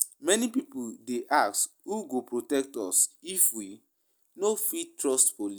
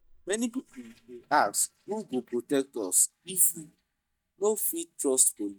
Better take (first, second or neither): first